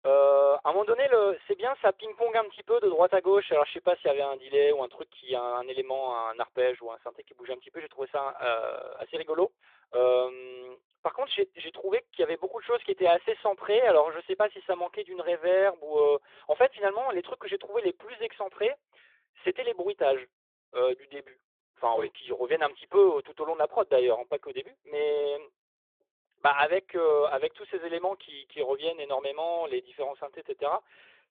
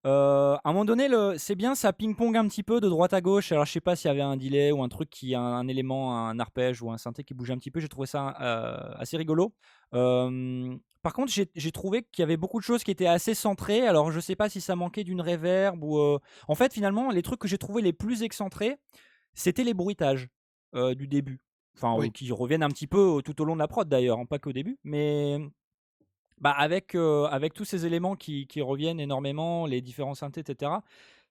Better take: second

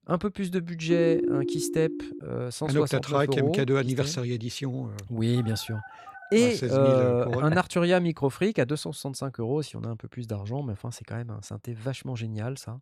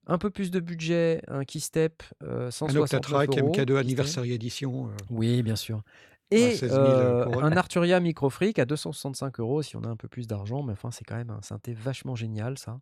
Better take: second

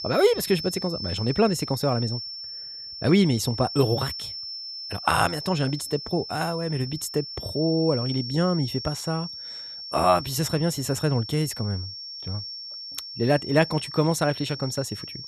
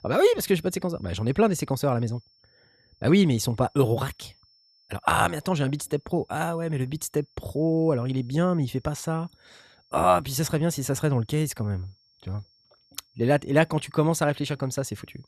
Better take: second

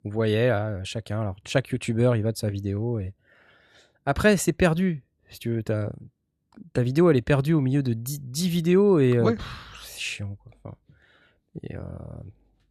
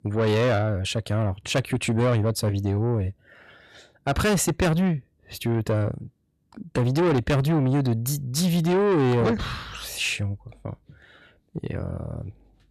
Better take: first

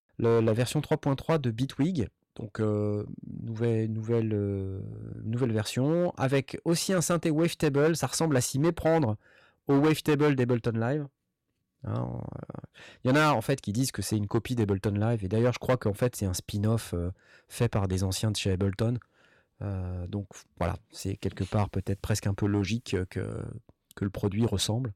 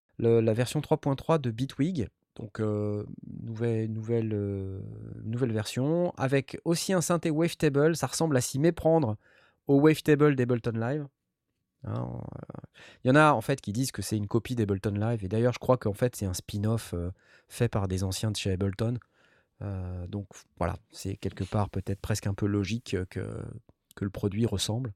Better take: second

